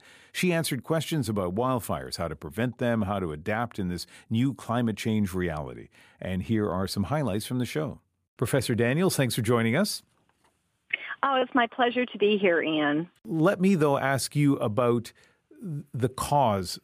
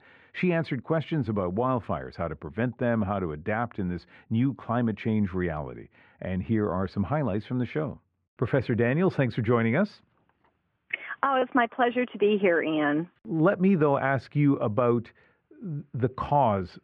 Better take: first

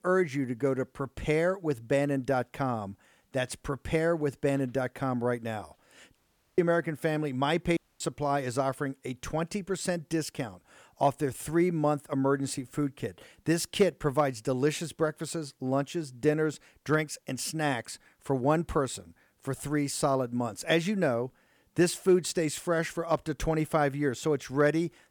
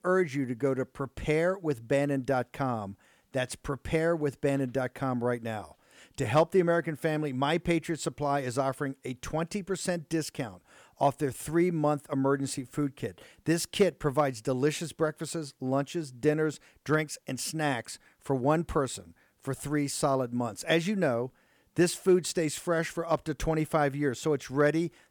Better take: second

